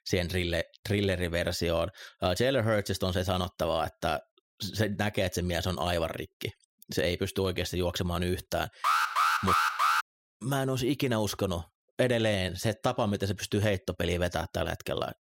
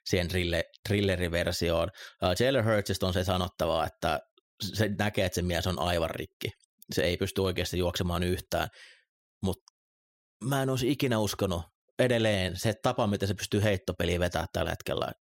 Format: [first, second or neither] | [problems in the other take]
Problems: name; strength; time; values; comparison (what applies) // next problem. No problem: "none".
second | alarm; loud; from 9 to 10 s; peak 6 dB above the speech